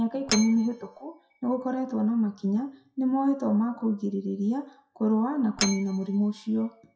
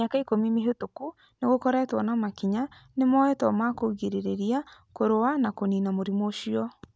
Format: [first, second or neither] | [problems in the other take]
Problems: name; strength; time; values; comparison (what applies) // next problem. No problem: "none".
second | noise reduction (classical method WPE with log-MMSE)